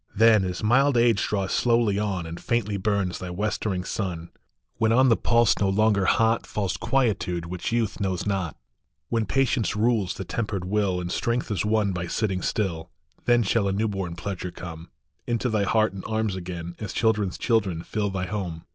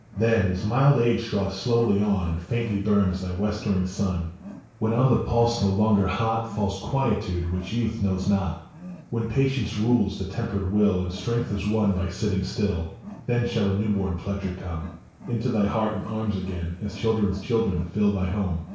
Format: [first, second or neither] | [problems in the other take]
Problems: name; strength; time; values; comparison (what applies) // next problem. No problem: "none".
first | background sound (Wild animals); 17 dB below the speech // room echo; dies away in 0.6 s